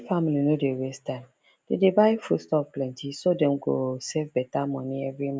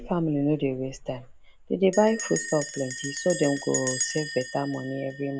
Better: first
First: none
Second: background sound (Bell); 9 dB below the speech

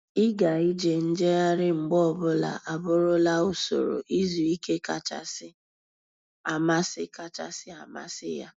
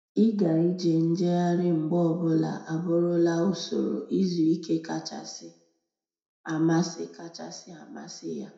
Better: first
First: none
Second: room echo; dies away in 0.5 s

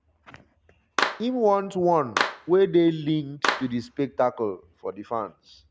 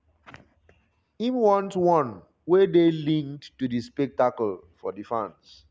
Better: second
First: background sound (Clapping); 5 dB below the speech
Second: none

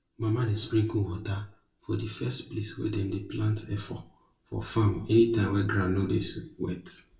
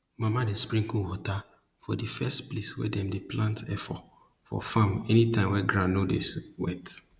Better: second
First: room echo; dies away in 0.2 s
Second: none

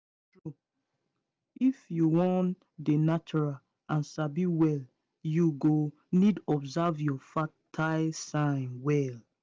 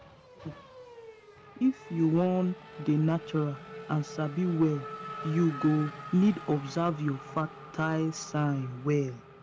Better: first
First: none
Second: background sound (Race car, auto racing / Accelerating, revving, vroom); 15 dB below the speech

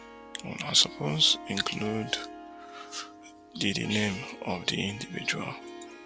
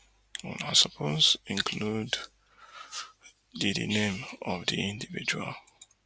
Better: second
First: background sound (Harp); 14 dB below the speech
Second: none

